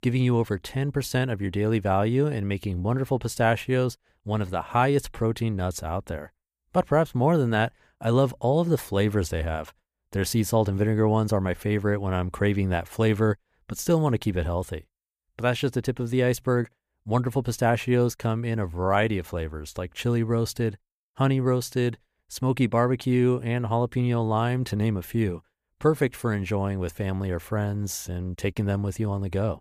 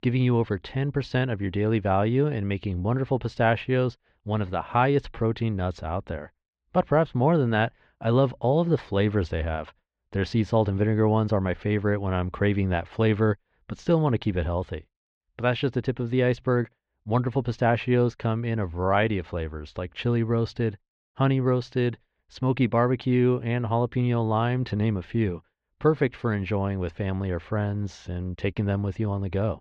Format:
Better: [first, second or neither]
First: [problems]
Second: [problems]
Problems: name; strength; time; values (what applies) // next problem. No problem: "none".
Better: first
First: none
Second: muffled; slightly; fading above 4 kHz